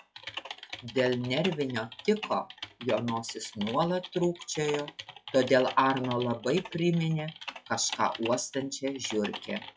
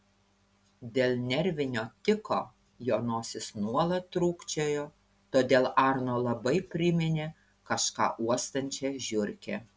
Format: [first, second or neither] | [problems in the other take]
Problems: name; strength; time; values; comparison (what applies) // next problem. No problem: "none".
second | noise reduction (classical method log-MMSE)